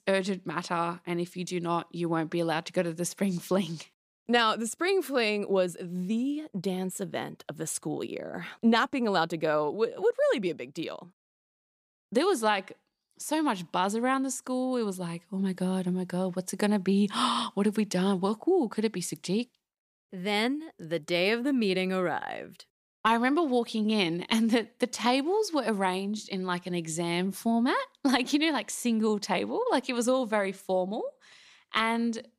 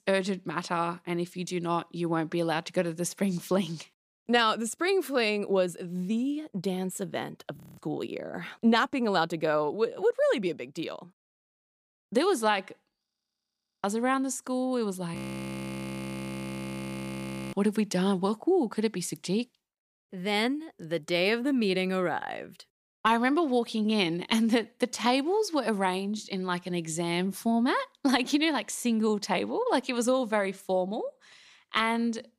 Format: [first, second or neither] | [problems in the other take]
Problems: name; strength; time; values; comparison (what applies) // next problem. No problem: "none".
first | audio freezing; at 7.5 s, at 13 s for 1 s and at 15 s for 2.5 s